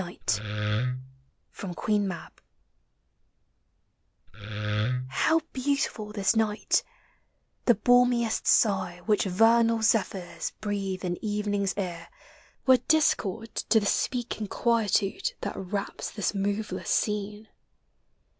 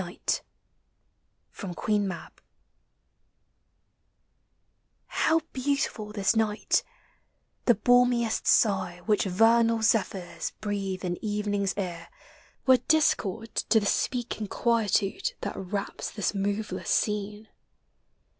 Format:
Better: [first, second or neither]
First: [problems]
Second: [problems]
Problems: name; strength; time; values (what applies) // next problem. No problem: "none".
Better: second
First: background sound (Wood); 2 dB below the speech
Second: none